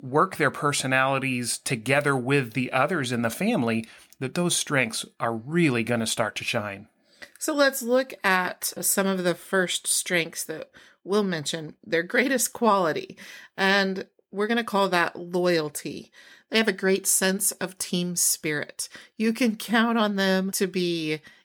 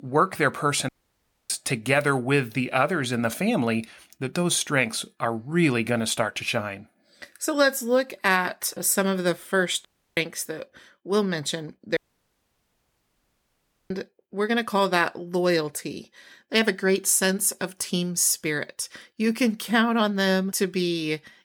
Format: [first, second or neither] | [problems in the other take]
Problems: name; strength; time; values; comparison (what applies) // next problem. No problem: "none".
first | audio cutting out; at 1 s for 0.5 s, at 10 s and at 12 s for 2 s